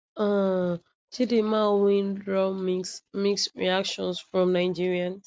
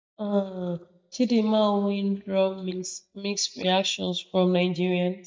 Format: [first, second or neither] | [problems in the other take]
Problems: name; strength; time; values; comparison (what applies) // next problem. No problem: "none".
first | noise reduction (neural mask model DeepFilterNet 3)